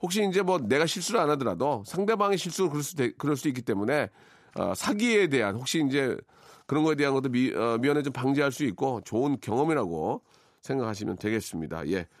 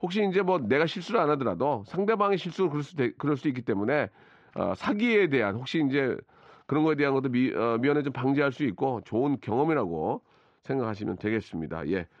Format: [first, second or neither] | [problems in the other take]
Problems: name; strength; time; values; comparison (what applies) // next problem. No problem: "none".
first | muffled; slightly; fading above 3.5 kHz